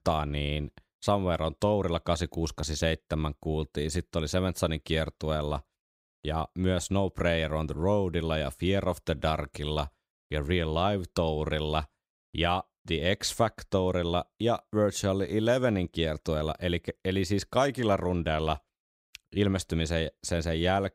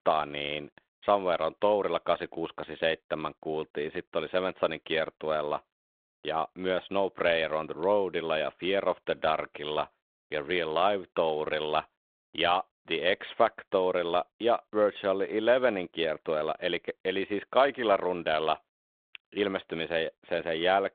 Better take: first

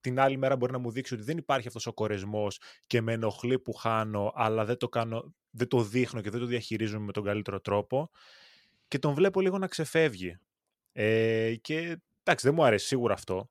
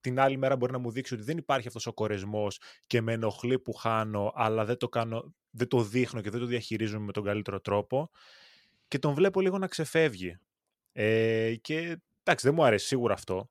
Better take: neither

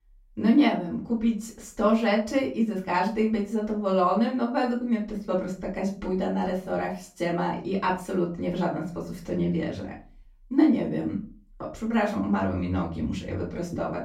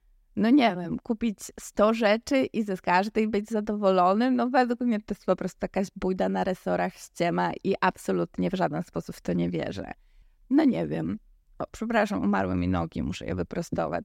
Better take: second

